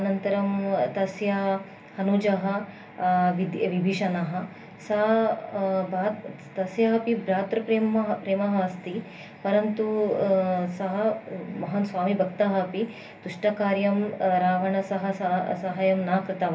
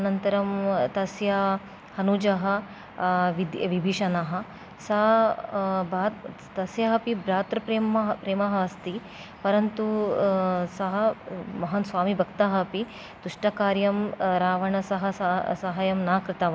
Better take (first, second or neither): second